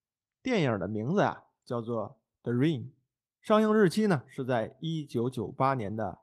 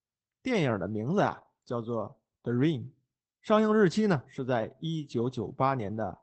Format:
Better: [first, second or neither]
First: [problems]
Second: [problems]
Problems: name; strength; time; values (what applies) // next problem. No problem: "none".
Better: first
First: garbled, watery; slightly; nothing above 14.5 kHz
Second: garbled, watery; badly; nothing above 8 kHz